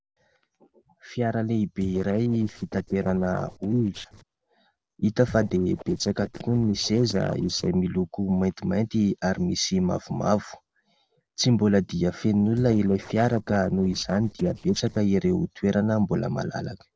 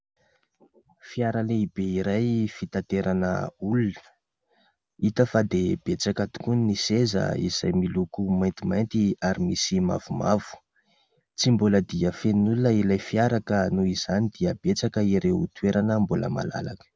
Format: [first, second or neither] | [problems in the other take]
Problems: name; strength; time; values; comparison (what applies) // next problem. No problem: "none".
second | noise reduction (neural separator model SepFormer DNS4)